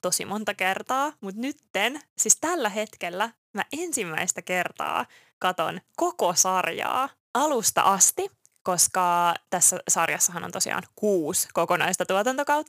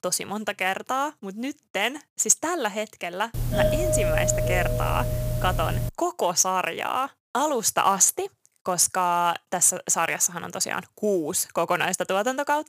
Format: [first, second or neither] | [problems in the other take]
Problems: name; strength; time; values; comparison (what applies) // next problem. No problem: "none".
first | doorbell; loud; from 3.5 to 6 s; peak 2 dB above the speech